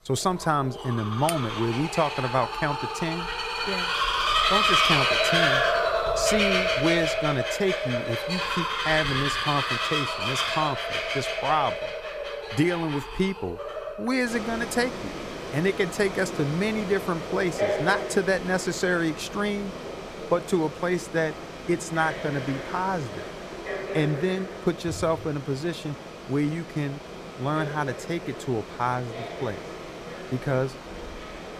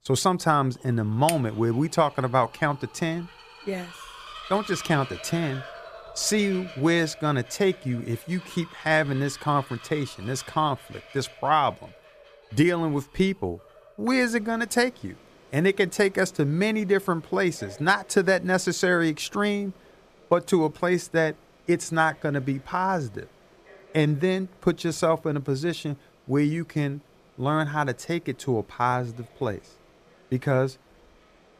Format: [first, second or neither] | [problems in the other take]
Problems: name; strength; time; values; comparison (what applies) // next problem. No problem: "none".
second | animal sounds; loud; throughout; as loud as the speech; faint in the second